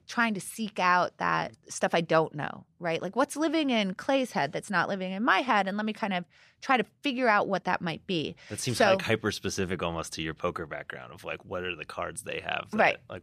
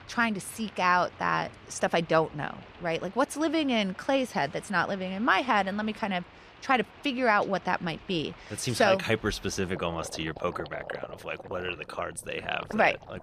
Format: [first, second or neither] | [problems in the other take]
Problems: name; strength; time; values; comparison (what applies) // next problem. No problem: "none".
first | rain or running water; noticeable; throughout; 20 dB below the speech